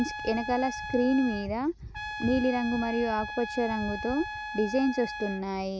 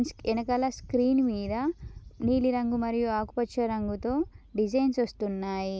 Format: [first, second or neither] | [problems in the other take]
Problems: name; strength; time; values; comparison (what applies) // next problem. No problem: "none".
second | background sound (Trumpet); 9 dB below the speech